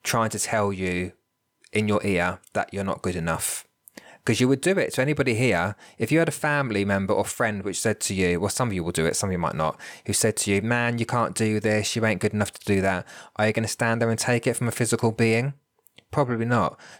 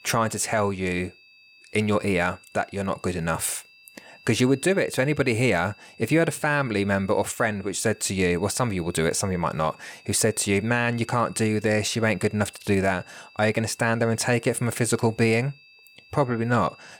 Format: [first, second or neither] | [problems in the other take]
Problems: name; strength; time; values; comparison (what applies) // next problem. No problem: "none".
first | high-pitched whine; faint; throughout; 2.5 kHz, 25 dB below the speech